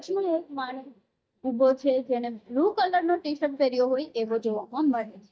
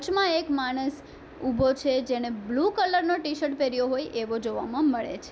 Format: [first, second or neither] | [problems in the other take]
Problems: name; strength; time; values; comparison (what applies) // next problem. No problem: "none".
second | noise reduction (neural mask model DeepFilterNet 3)